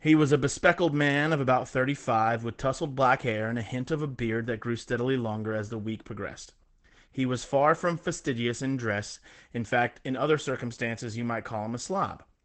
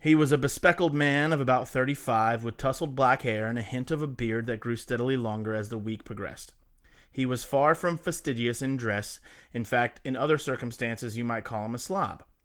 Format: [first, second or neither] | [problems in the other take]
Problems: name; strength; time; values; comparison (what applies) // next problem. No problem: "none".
second | garbled, watery; badly; nothing above 8 kHz; slightly in the second